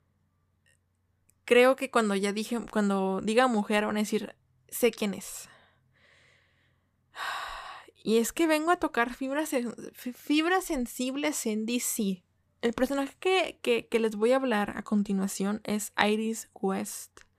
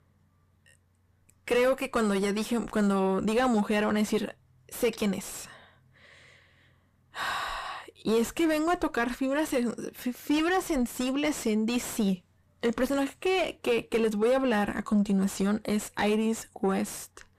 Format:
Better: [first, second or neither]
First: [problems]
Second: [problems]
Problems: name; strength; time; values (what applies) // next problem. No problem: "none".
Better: first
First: none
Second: distortion; heavy; 7 dB below the speech